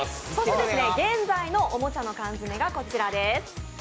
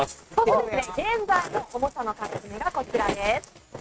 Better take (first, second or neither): first